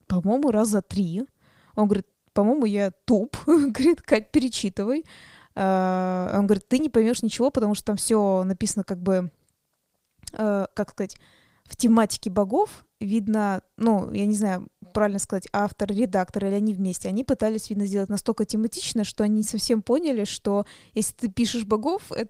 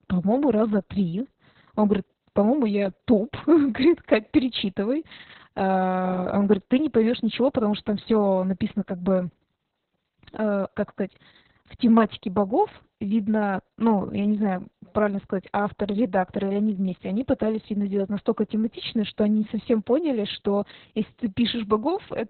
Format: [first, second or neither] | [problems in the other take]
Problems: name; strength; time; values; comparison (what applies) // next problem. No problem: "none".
first | garbled, watery; badly; nothing above 4 kHz; slightly in the first